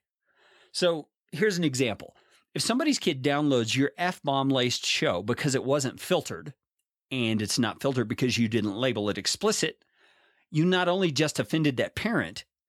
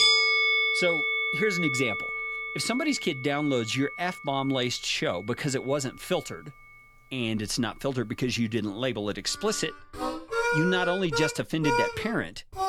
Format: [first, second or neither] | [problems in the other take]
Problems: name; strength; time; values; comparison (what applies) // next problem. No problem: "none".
first | background music; very loud; throughout; 2 dB above the speech